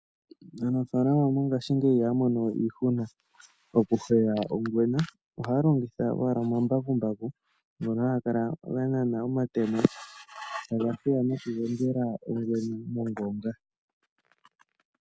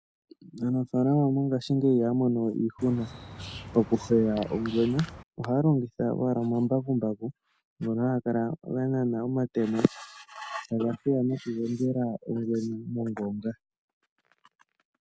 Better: first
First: none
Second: background sound (Bird); 15 dB below the speech

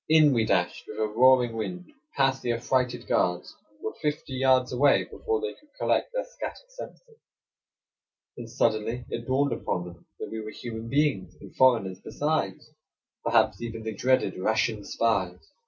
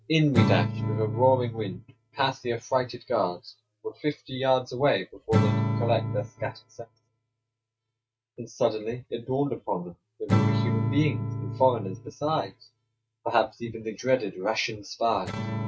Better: first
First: none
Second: noise reduction (neural mask model RNNoise)

